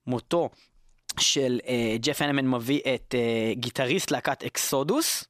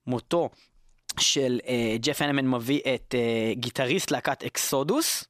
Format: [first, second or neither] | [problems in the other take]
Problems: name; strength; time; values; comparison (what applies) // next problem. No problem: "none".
neither | none